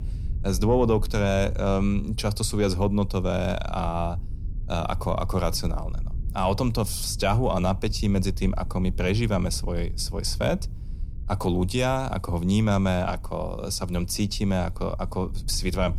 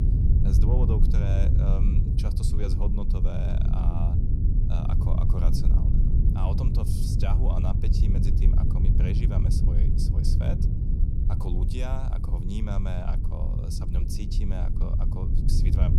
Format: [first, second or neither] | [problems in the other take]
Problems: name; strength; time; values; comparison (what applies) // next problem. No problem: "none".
first | low rumble; loud; throughout; as loud as the speech; faint in the first